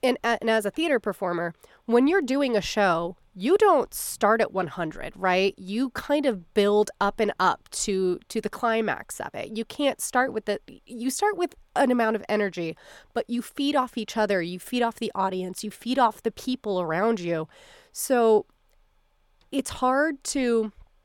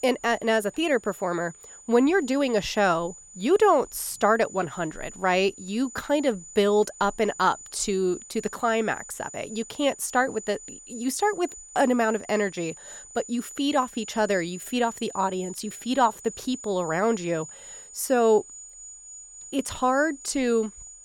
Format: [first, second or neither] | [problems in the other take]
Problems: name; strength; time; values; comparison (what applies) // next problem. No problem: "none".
first | high-pitched whine; noticeable; throughout; 7 kHz, 15 dB below the speech